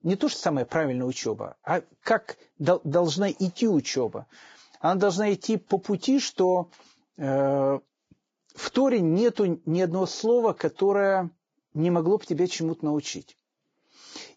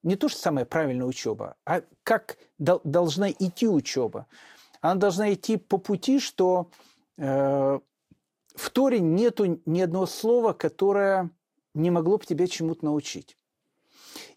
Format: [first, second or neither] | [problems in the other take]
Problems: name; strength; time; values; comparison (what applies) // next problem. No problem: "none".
second | garbled, watery; badly; slightly in the second